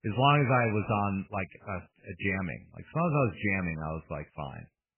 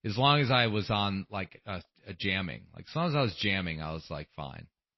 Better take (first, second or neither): second